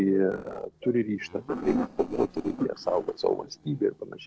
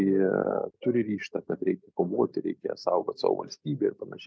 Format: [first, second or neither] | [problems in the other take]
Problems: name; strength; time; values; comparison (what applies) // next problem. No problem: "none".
second | noise reduction (neural separator model SepFormer DNS4)